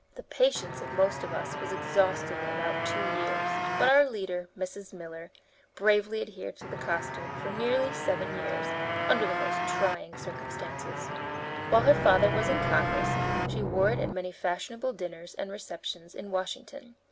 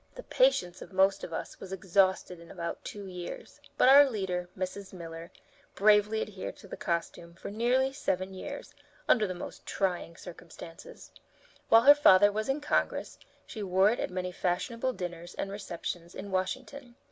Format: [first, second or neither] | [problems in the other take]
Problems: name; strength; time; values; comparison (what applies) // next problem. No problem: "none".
second | background sound (Engine / Boat, Water vehicle + Motorcycle); 1 dB below the speech